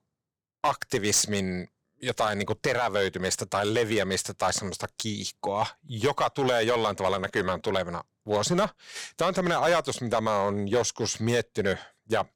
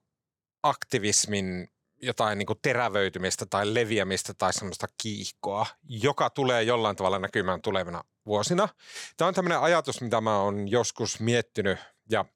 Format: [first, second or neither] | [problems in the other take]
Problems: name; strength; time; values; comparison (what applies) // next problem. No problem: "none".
second | distortion; slight; 3% of the sound clipped